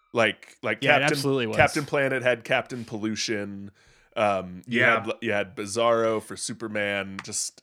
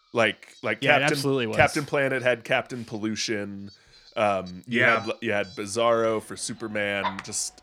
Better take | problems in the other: first | animal sounds; noticeable; throughout; 15 dB below the speech

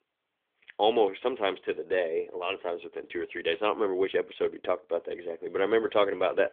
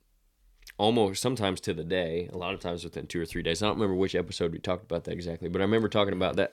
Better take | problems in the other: second | phone-call audio; nothing above 3.5 kHz

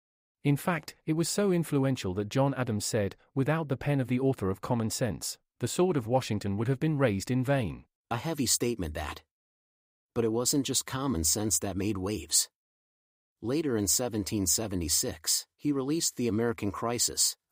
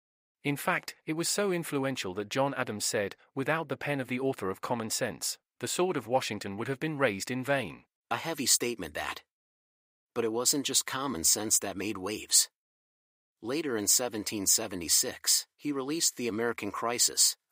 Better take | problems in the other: first | thin; very slightly; fading below 1 kHz

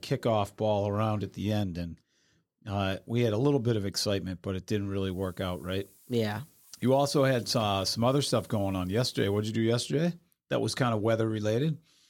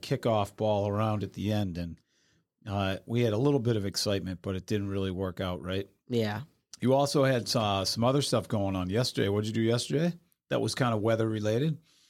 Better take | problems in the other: second | hiss; faint; from 5 to 9.5 s; 25 dB below the speech

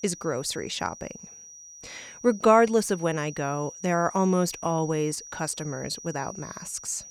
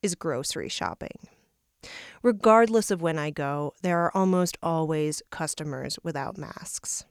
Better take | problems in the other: second | high-pitched whine; noticeable; throughout; 6 kHz, 15 dB below the speech

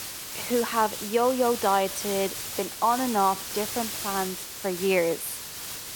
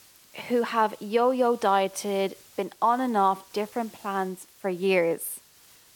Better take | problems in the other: second | hiss; loud; throughout; 6 dB below the speech; faint in the second

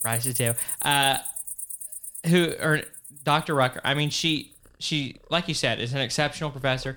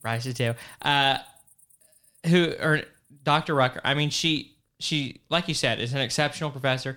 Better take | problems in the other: second | animal sounds; loud; throughout; 5 dB below the speech; faint in the second

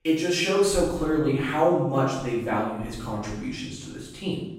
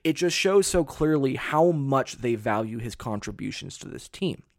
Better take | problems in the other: second | off-mic speech; far // room echo; noticeable; dies away in 0.7 s

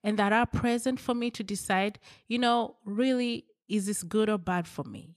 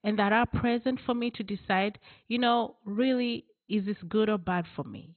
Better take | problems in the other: first | garbled, watery; badly; nothing above 4 kHz

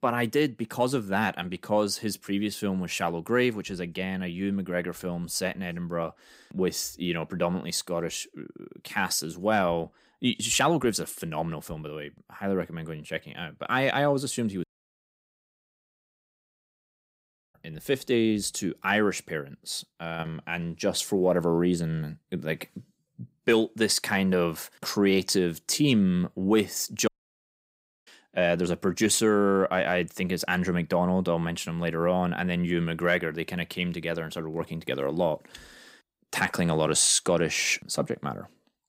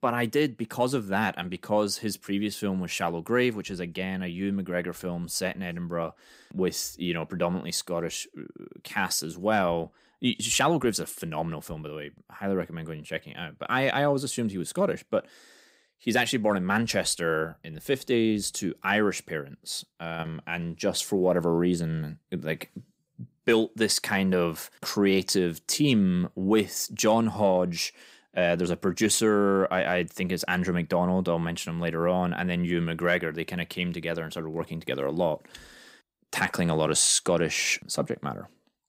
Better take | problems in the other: second | audio cutting out; at 15 s for 3 s and at 27 s for 1 s

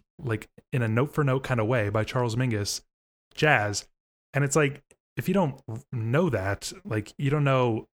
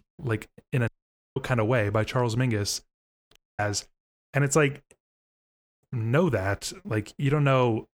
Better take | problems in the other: first | audio cutting out; at 1 s, at 3.5 s and at 5 s for 0.5 s

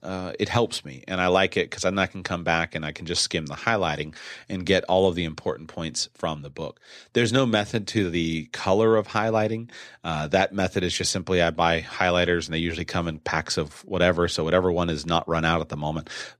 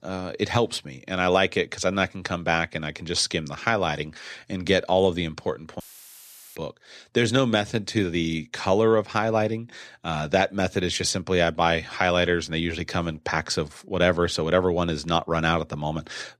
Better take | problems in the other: first | audio cutting out; filled with static; at 6 s for 1 s

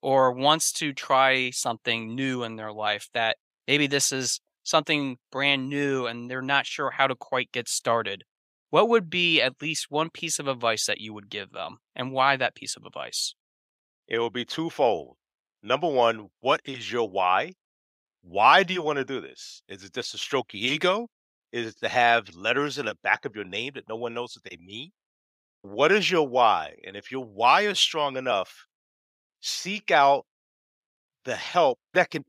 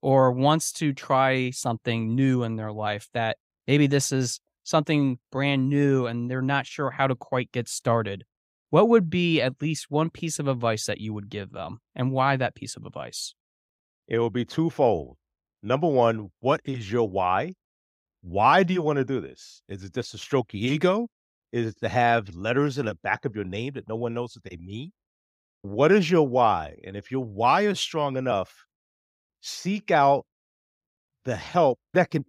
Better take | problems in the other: second | thin; somewhat; fading below 800 Hz

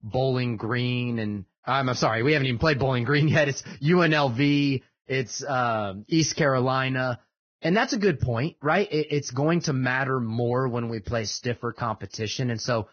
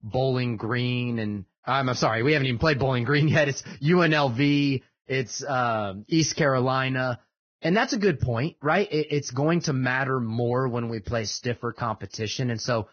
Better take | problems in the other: neither | garbled, watery; badly; nothing above 6.5 kHz; the same in both

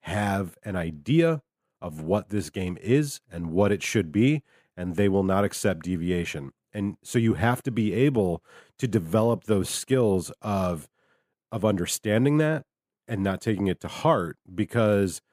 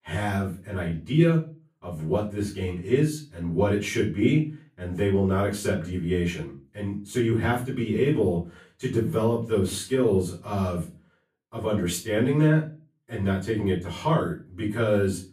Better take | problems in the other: first | off-mic speech; far // room echo; slight; dies away in 0.3 s

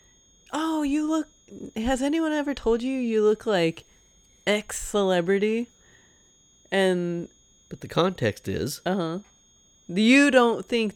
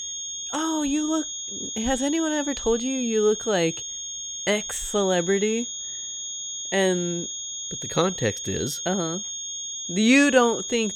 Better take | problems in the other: first | high-pitched whine; loud; throughout; 6.5 kHz, 6 dB below the speech; faint in the first

